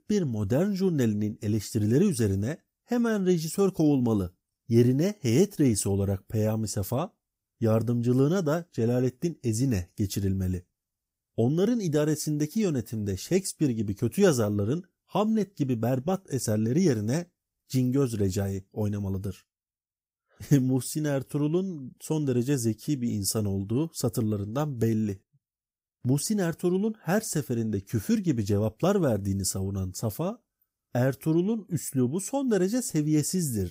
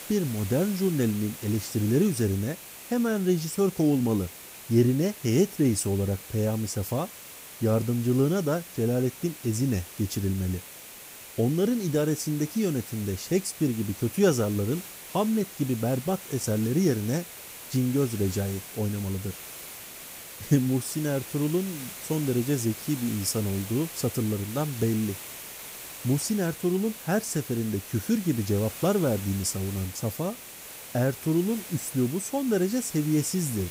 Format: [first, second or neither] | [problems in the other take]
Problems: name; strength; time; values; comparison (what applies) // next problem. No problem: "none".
first | hiss; noticeable; throughout; 10 dB below the speech